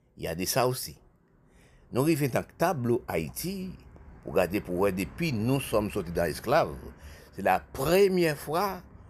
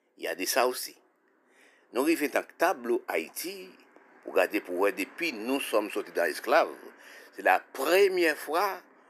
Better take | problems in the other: first | thin; somewhat; fading below 300 Hz

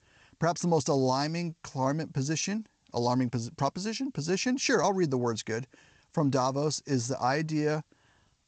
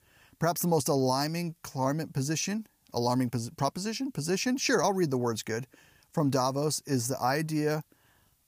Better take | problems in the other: second | garbled, watery; slightly

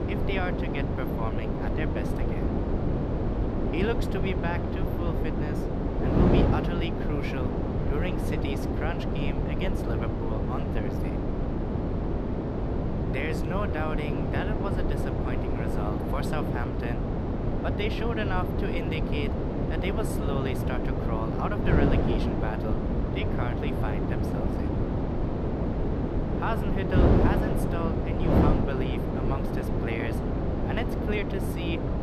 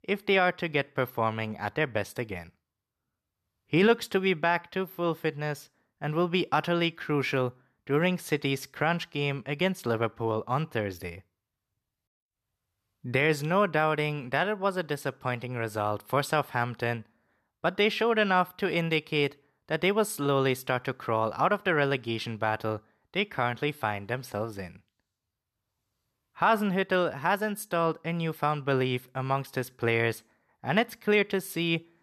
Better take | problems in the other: second | wind noise on the microphone; heavy; 2 dB above the speech

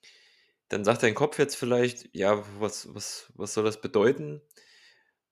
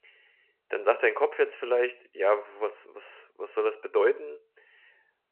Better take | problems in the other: first | phone-call audio

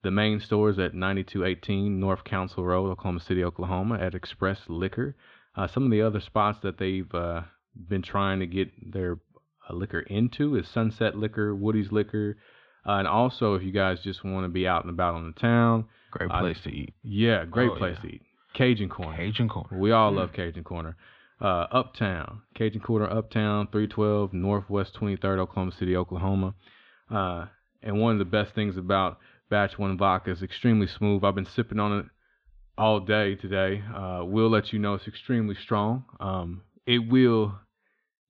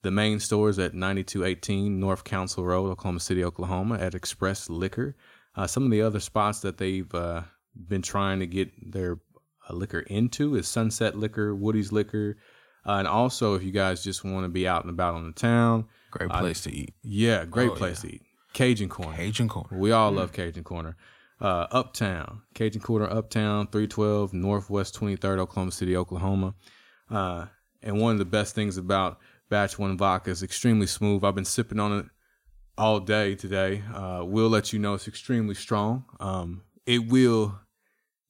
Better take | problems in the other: second | muffled; very; fading above 3.5 kHz

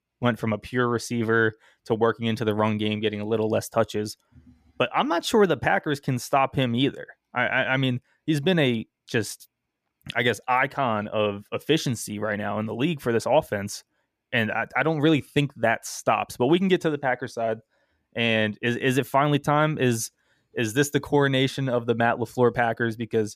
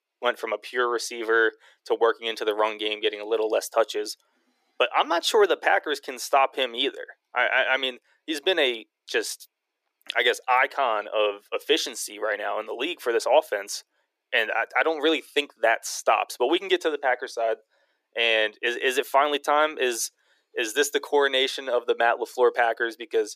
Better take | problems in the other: first | thin; very; fading below 350 Hz

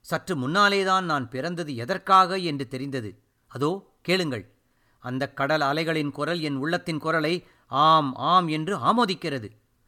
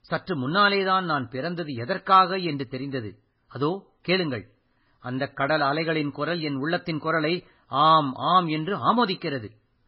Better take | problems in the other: first | garbled, watery; badly; nothing above 4 kHz

